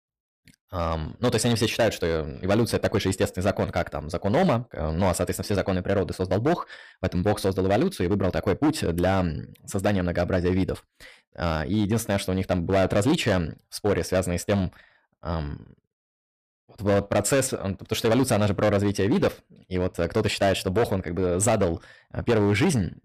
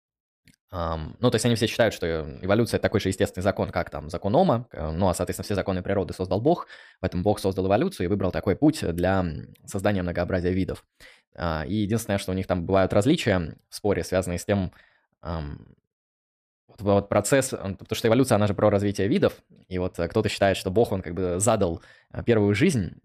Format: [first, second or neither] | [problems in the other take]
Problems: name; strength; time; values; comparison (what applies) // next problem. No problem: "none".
second | distortion; slight; 8% of the sound clipped